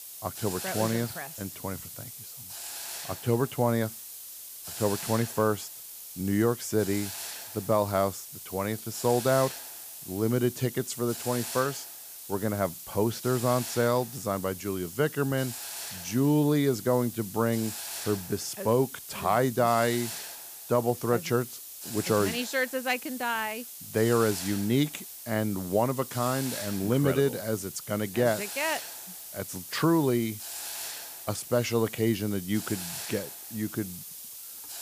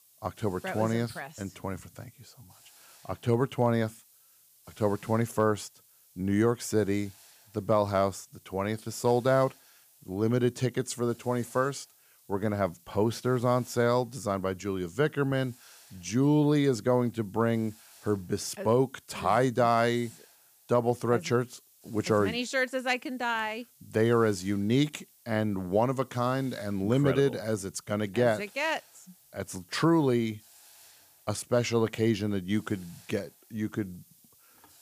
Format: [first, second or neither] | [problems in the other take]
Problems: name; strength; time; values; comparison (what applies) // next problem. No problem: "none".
second | hiss; loud; throughout; 9 dB below the speech; faint in the second